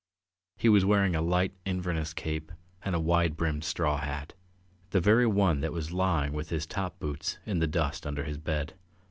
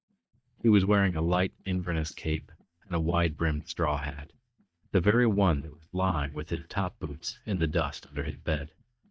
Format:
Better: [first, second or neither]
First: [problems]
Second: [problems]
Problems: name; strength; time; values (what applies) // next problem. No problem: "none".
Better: first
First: none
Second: noise reduction (neural mask model DeepFilterNet 3)